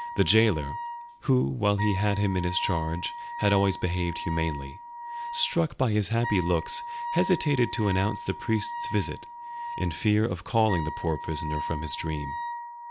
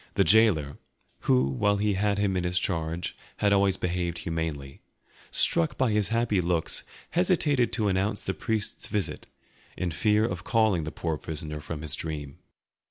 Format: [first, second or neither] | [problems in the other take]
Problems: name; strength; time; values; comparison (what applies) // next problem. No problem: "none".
second | background sound (Wind instrument, woodwind instrument); 9 dB below the speech